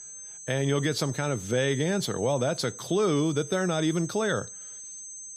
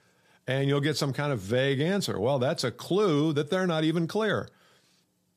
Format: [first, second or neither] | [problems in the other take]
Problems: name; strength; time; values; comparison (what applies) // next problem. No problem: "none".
second | high-pitched whine; noticeable; throughout; 6.5 kHz, 10 dB below the speech